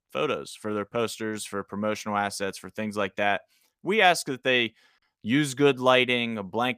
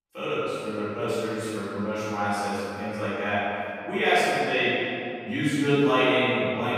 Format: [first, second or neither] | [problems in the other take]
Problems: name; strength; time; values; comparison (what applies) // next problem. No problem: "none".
first | off-mic speech; far // room echo; strong; dies away in 2.4 s